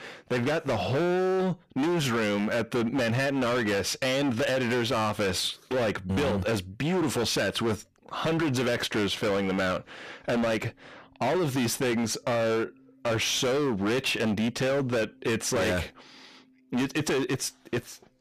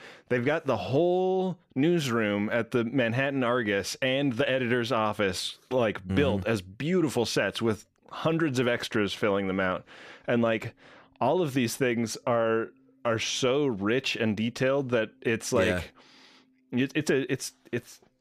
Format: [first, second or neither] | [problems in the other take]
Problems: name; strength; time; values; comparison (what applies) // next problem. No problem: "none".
second | distortion; heavy; 26% of the sound clipped